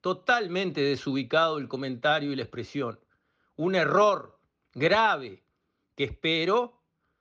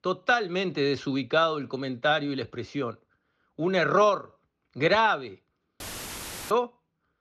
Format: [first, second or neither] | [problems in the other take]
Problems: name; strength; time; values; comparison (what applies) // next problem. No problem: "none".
first | audio cutting out; filled with static; at 6 s for 0.5 s